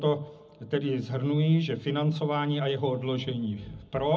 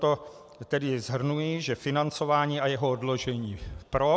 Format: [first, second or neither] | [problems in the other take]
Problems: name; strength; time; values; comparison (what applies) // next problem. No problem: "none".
second | room echo; dies away in 0.4 s